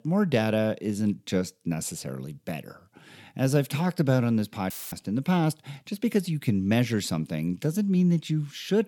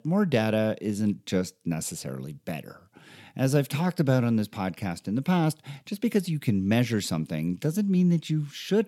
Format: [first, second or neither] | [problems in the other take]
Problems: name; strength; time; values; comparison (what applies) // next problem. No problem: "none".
second | audio cutting out; filled with static; at 4.5 s